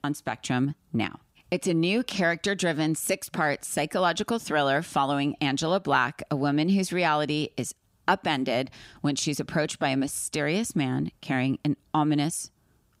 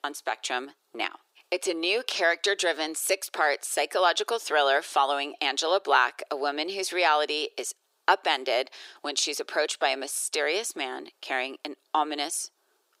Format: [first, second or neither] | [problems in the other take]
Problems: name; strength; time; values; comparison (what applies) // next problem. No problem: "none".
first | thin; very; fading below 400 Hz